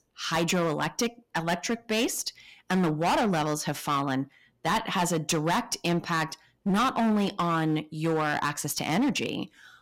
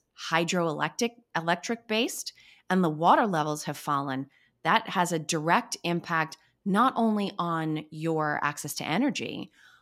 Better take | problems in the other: second | distortion; heavy; 14% of the sound clipped

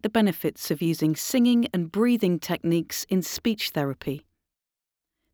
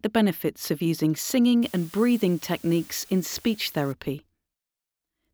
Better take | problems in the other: first | hiss; very faint; from 1.5 to 4 s; 20 dB below the speech

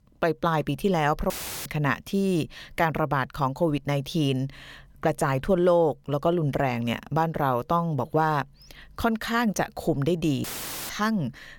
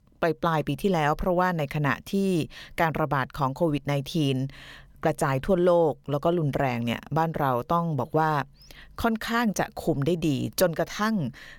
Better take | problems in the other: second | audio cutting out; filled with static; at 1.5 s and at 10 s

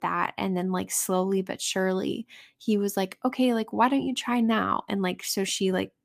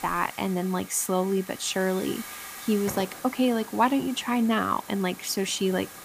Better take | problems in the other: first | hiss; noticeable; throughout; 15 dB below the speech

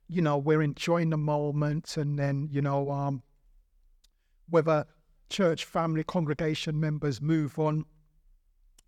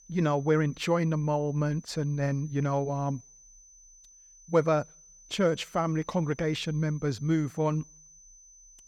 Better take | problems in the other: first | high-pitched whine; faint; throughout; 6 kHz, 25 dB below the speech

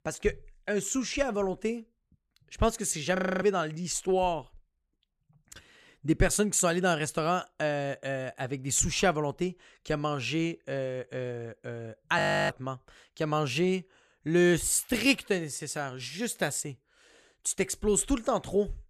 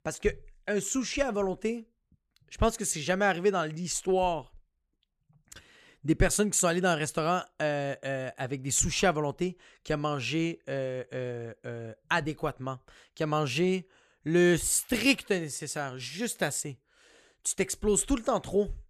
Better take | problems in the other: second | audio freezing; at 3 s and at 12 s

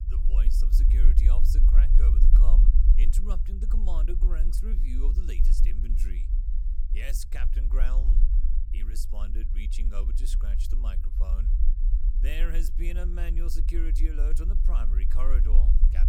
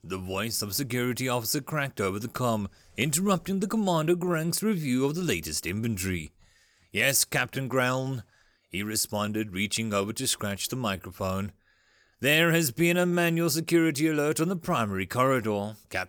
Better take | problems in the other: second | low rumble; loud; throughout; 5 dB below the speech

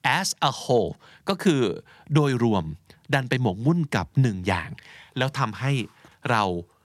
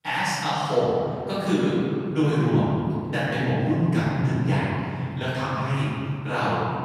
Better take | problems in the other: first | off-mic speech; far // room echo; strong; dies away in 2.9 s

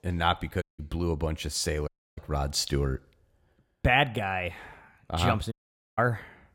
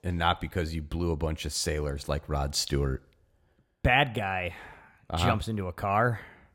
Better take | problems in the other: second | audio cutting out; at 0.5 s, at 2 s and at 5.5 s

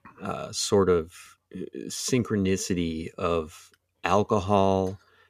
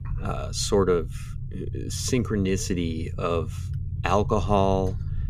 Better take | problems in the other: first | low rumble; faint; throughout; 20 dB below the speech

